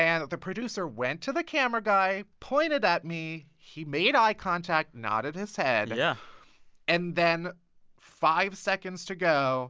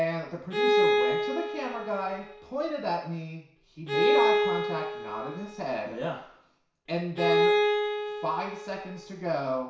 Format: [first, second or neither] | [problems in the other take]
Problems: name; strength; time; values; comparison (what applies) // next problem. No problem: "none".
first | background sound (Bowed string instrument); 5 dB above the speech // room echo; dies away in 0.6 s